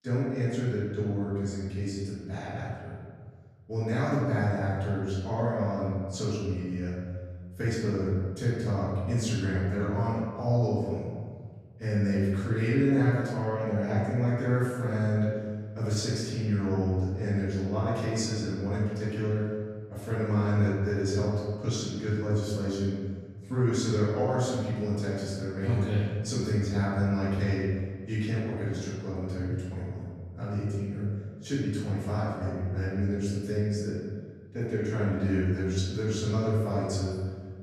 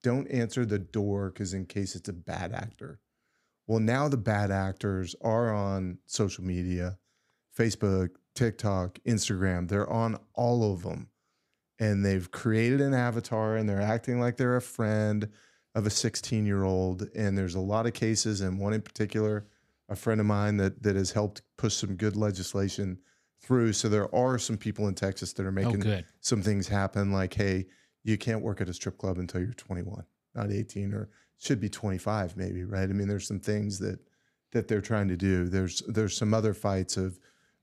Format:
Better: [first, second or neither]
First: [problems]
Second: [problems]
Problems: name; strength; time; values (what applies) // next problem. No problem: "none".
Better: second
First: room echo; strong; dies away in 1.7 s // off-mic speech; far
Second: none